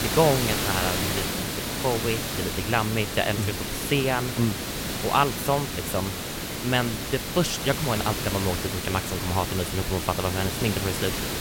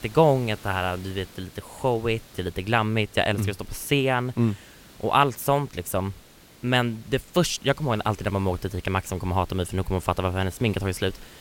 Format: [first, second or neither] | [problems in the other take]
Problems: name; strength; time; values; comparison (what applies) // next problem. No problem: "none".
second | hiss; loud; throughout; 2 dB below the speech; faint in the second